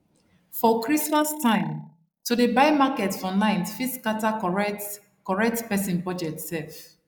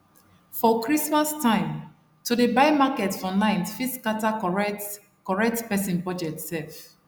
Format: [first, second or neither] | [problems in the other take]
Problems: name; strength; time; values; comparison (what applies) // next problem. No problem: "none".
second | noise reduction (neural mask model Resemble Enhance denoiser)